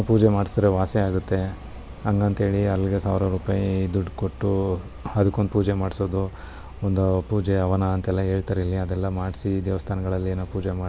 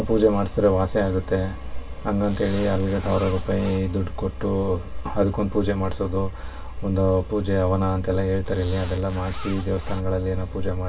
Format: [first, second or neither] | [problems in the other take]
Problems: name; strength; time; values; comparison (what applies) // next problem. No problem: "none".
first | background sound (Zipper (clothing)); 18 dB below the speech // room echo; dies away in 0.1 s